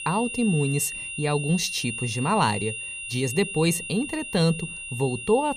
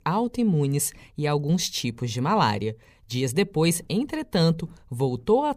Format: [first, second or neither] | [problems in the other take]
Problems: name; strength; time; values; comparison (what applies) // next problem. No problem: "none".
second | high-pitched whine; loud; throughout; 3 kHz, 6 dB below the speech